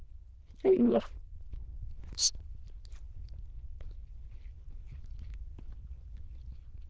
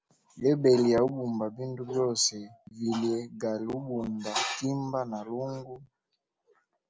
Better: second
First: noise reduction (neural diffusion model UNIVERSE++)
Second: none

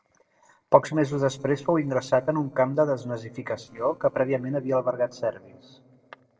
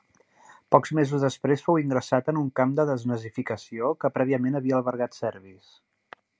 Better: second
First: noise reduction (neural separator model SepFormer DNS4)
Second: none

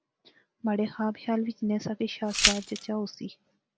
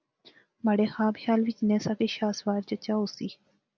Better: second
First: background sound (Glass); 3 dB above the speech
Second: none

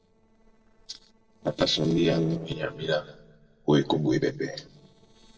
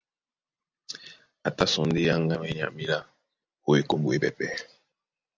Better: second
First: noise reduction (neural separator model SepFormer DNS4)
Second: none

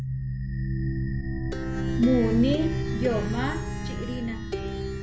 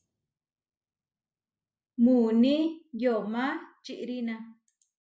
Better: second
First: background sound (Plucked string instrument); 1 dB above the speech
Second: none

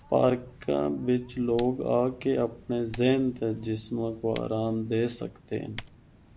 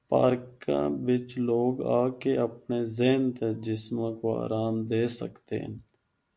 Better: second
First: background sound (Waves, surf + Typing); 20 dB below the speech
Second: none

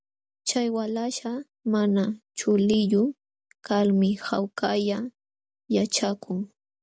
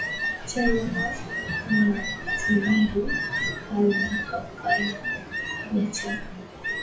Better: first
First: none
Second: noise reduction (classical method WPE with log-MMSE)

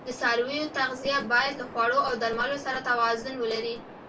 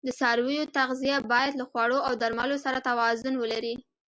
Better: second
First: background sound (Waves, surf); 16 dB below the speech // room echo; dies away in 0.2 s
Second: none

